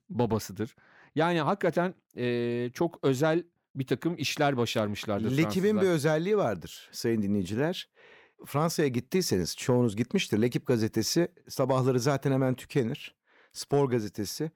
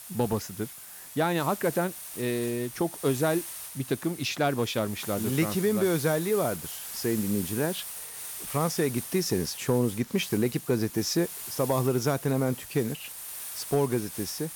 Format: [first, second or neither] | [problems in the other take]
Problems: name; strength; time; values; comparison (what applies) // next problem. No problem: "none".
first | hiss; loud; throughout; 9 dB below the speech